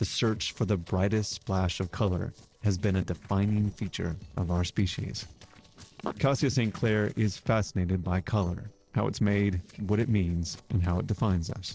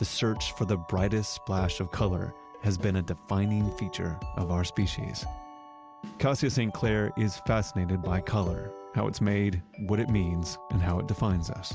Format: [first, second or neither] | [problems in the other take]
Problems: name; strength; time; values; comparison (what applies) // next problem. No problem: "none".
second | noise reduction (neural separator model SepFormer DNS4)